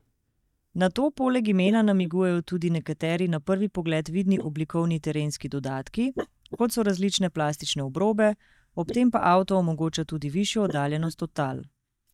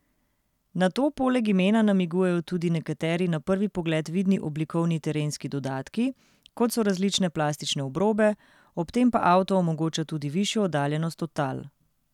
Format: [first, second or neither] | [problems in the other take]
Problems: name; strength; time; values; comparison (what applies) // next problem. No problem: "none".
second | noise reduction (neural mask model DeepFilterNet 3)